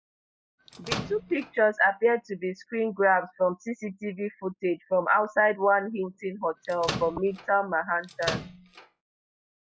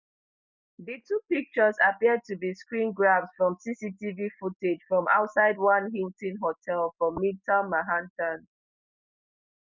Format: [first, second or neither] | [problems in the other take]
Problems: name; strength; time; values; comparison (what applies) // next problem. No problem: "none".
second | noise reduction (classical method log-MMSE)